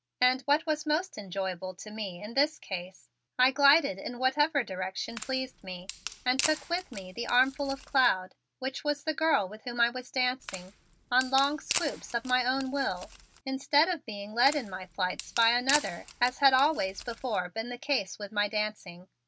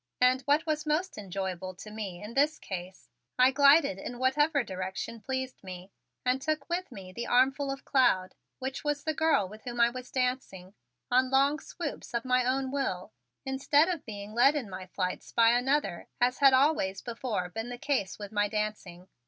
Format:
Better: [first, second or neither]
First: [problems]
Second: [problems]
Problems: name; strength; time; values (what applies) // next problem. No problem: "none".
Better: second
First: background sound (Wood); 11 dB below the speech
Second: none